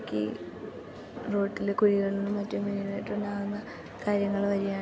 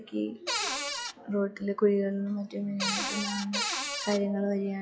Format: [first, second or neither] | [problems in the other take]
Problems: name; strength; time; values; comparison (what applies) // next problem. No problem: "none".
first | noise reduction (classical method log-MMSE)